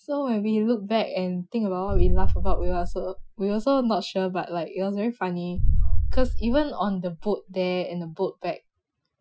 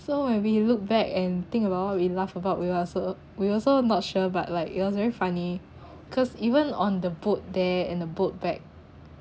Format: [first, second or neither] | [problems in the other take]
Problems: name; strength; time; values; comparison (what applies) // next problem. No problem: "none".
second | noise reduction (classical method Wiener filter)